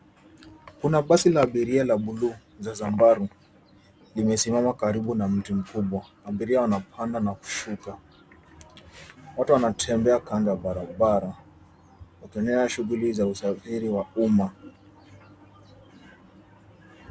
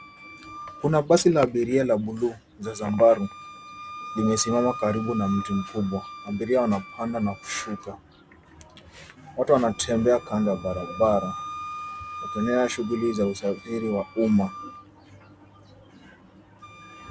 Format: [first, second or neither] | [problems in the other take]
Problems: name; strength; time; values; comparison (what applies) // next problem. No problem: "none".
first | background sound (Wind instrument, woodwind instrument); 15 dB below the speech